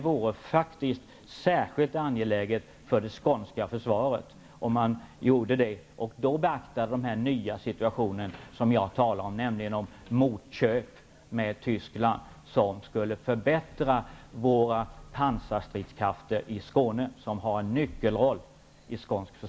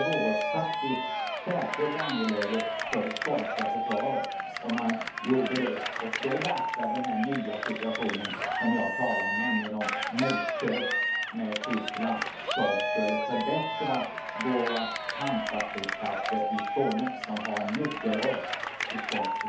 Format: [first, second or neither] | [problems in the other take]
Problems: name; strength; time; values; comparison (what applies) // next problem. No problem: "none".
first | background sound (Cheering); as loud as the speech // room echo; dies away in 0.6 s